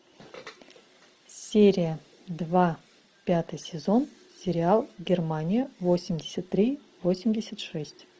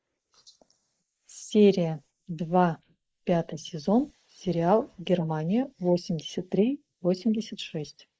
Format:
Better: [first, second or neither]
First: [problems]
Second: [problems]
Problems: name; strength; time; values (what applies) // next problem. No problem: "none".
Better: first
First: none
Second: noise reduction (neural mask model Resemble Enhance denoiser)